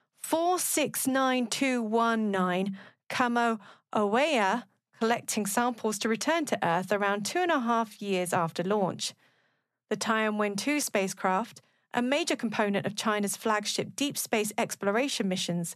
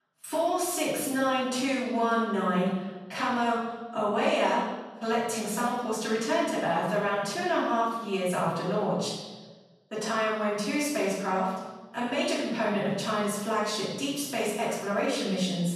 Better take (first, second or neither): first